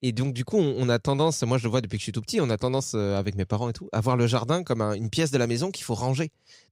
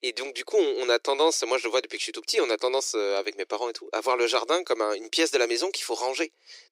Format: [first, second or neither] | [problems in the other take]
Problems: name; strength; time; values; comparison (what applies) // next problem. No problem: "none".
first | thin; very; fading below 350 Hz